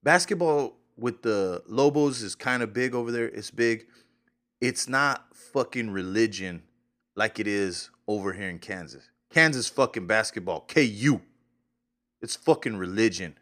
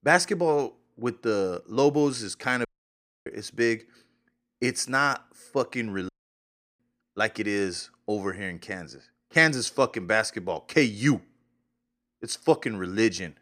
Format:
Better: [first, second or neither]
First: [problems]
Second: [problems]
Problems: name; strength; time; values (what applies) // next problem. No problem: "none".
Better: first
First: none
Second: audio cutting out; at 2.5 s for 0.5 s and at 6 s for 0.5 s